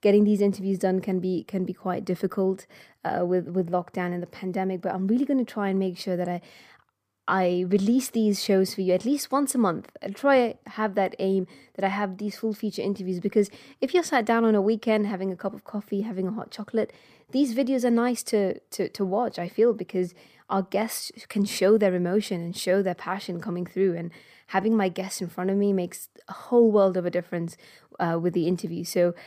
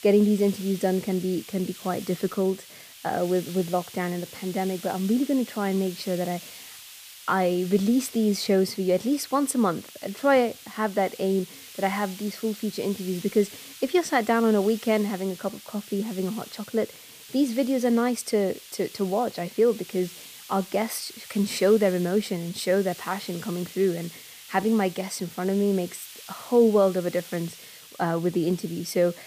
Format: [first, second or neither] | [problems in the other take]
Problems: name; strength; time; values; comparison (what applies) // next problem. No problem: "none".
first | hiss; noticeable; throughout; 15 dB below the speech